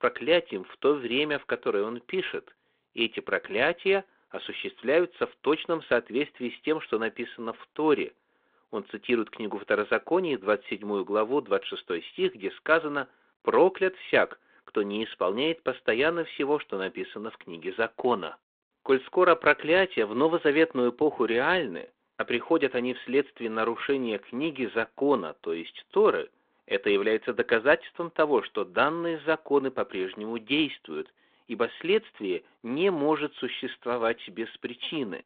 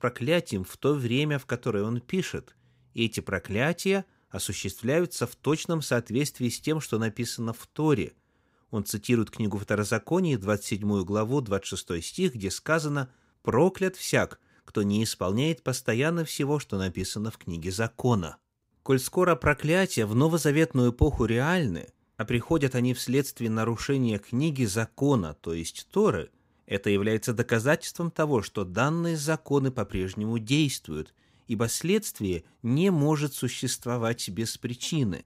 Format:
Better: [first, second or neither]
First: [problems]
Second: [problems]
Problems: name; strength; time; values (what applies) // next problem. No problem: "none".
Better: second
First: phone-call audio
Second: none